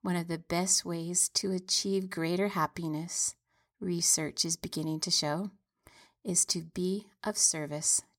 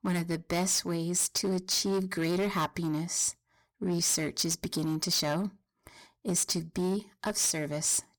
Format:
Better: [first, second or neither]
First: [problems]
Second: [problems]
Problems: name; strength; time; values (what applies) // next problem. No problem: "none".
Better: first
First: none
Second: distortion; heavy; 14% of the sound clipped